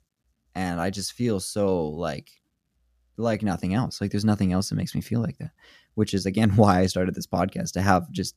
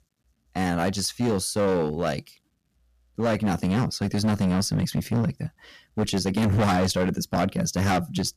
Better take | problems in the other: first | distortion; heavy; 13% of the sound clipped

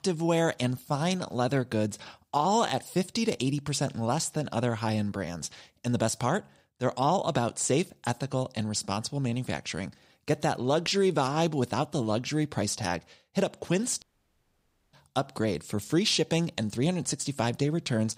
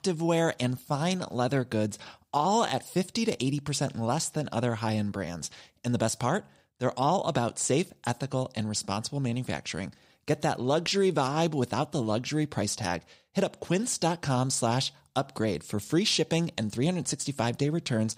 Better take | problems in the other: second | audio cutting out; at 14 s for 1 s

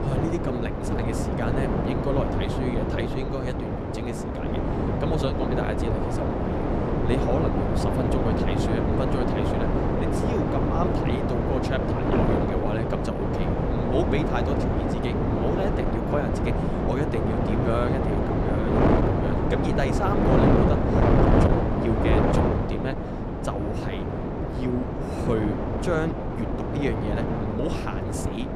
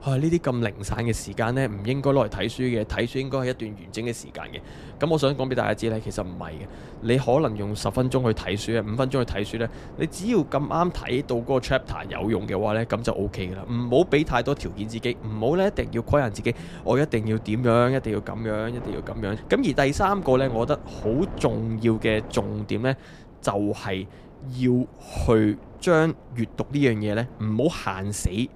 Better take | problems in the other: second | wind noise on the microphone; heavy; 4 dB above the speech; occasional gusts in the second

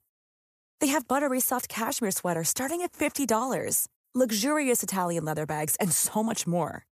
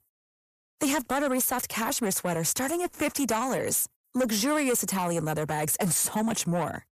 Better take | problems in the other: first | distortion; slight; 10 dB below the speech

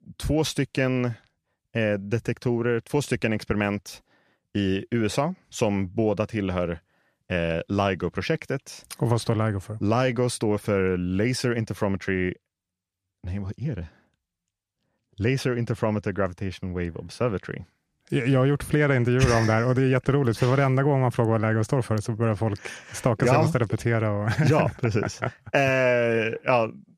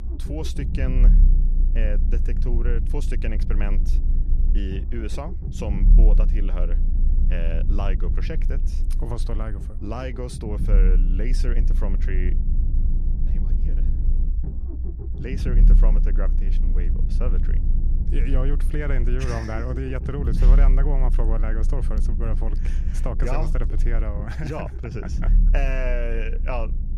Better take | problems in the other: first | low rumble; loud; throughout; 9 dB below the speech

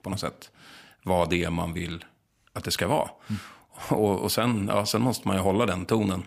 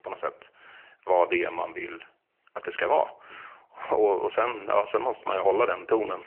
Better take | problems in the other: first | phone-call audio; nothing above 3 kHz

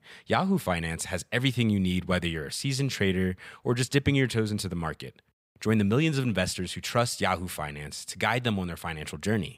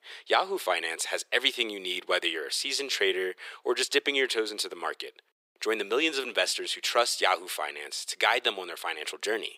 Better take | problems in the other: first | thin; very; fading below 350 Hz

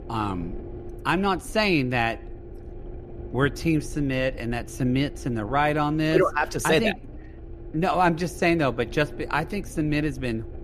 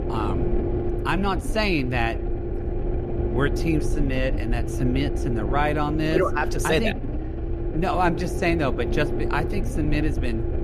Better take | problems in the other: first | low rumble; loud; throughout; 7 dB below the speech; faint in the first

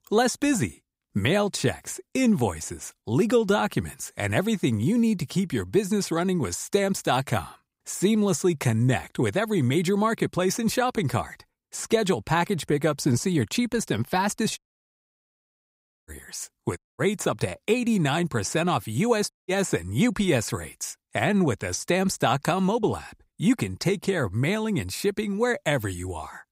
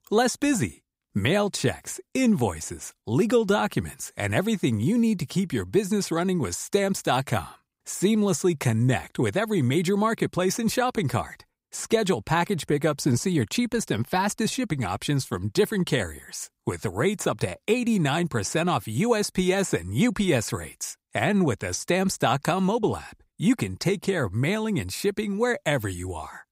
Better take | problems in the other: second | audio cutting out; at 15 s for 1.5 s, at 17 s and at 19 s

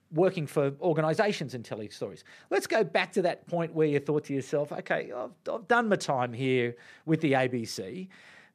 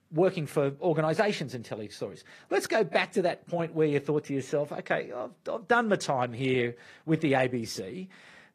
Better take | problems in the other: first | garbled, watery; slightly; nothing above 14.5 kHz

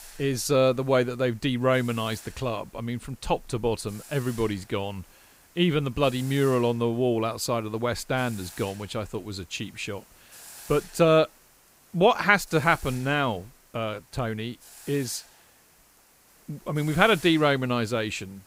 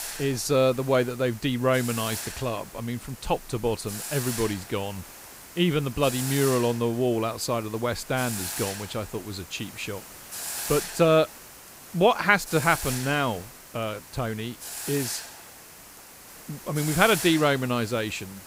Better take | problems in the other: first | hiss; loud; throughout; 10 dB below the speech; faint in the first

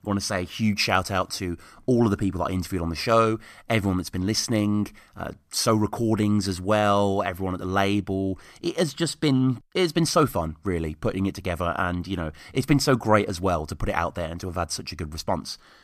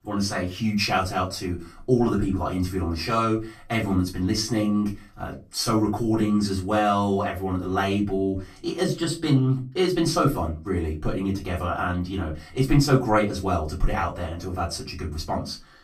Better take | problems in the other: first | off-mic speech; far // room echo; very slight; dies away in 0.2 s

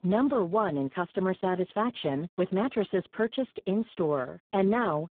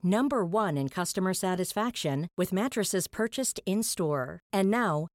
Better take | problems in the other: second | phone-call audio; poor line

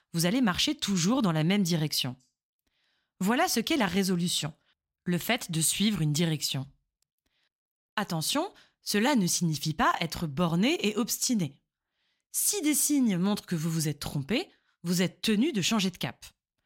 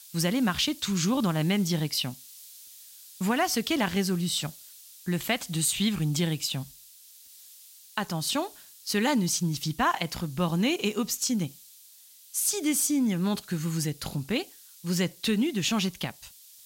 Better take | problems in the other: first | hiss; noticeable; throughout; 20 dB below the speech

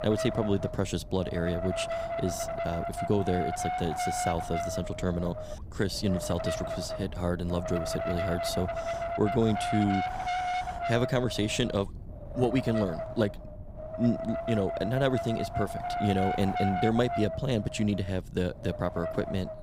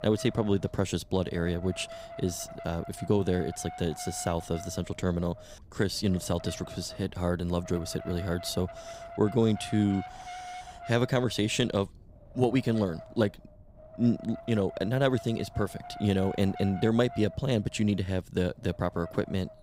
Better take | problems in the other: second | wind noise on the microphone; heavy; 1 dB above the speech; occasional gusts in the second

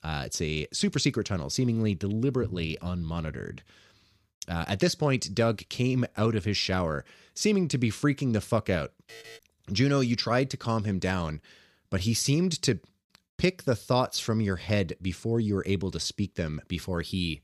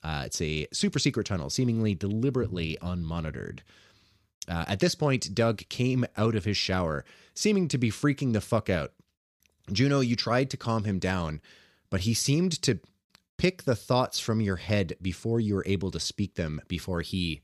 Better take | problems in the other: second | alarm; faint; at 9 s; peak 15 dB below the speech

